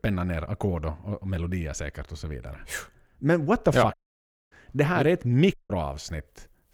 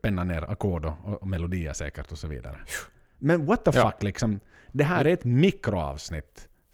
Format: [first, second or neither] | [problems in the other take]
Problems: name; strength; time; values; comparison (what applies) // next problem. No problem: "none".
second | audio cutting out; at 4 s for 0.5 s and at 5.5 s